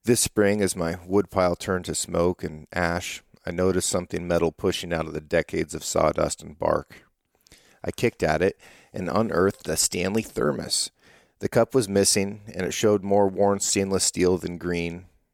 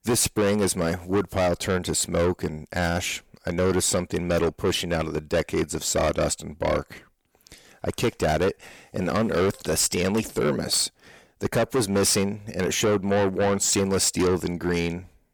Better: first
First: none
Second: distortion; heavy; 7 dB below the speech

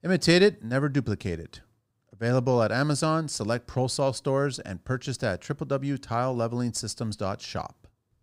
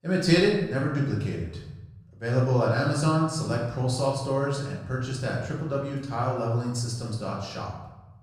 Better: first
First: none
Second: off-mic speech; far // room echo; noticeable; dies away in 0.9 s

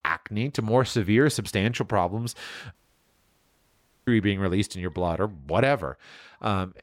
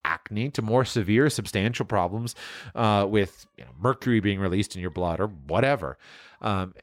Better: second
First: audio cutting out; at 3 s for 1.5 s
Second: none

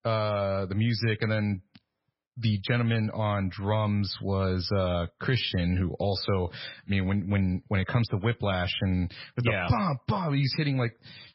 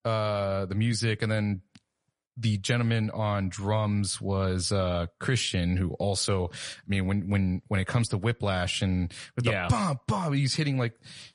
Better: second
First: garbled, watery; badly; nothing above 5.5 kHz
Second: garbled, watery; slightly; nothing above 10.5 kHz

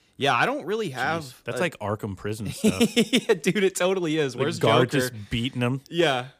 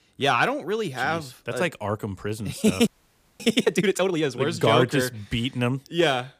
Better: first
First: none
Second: audio freezing; at 3 s for 0.5 s

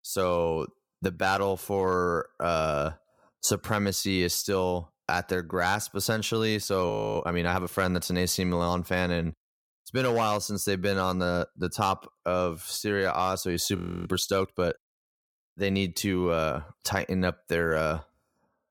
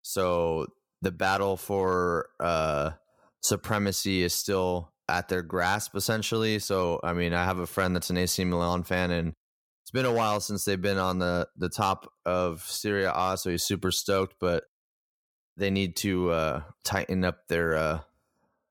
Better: second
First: audio freezing; at 7 s and at 14 s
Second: none

